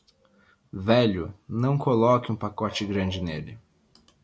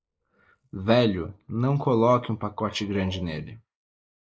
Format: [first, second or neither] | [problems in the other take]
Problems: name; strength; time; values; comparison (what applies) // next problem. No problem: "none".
first | noise reduction (neural mask model Resemble Enhance denoiser)